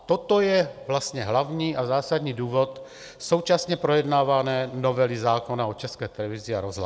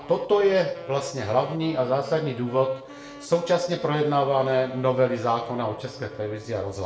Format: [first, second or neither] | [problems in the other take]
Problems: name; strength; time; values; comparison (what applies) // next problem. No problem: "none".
first | background sound (Wind instrument, woodwind instrument); 18 dB below the speech // room echo; dies away in 0.6 s